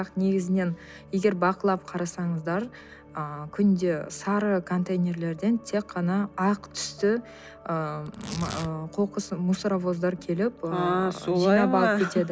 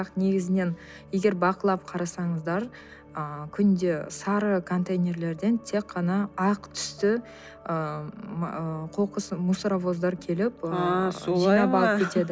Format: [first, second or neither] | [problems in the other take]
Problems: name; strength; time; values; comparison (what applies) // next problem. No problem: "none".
second | background sound (Tearing); 16 dB below the speech